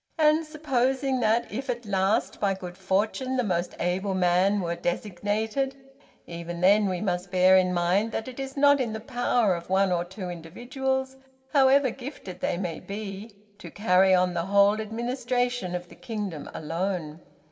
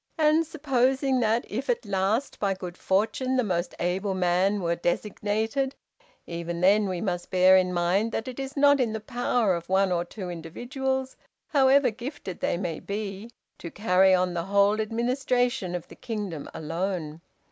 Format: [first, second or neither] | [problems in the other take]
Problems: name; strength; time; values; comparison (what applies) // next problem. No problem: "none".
second | room echo; dies away in 1 s